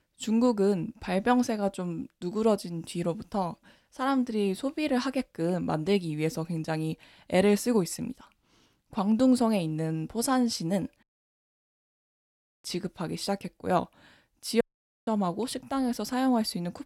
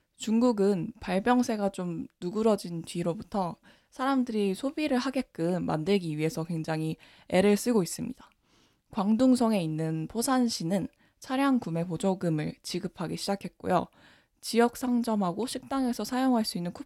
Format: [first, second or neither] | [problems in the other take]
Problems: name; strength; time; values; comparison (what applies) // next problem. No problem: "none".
second | audio cutting out; at 11 s for 1.5 s and at 15 s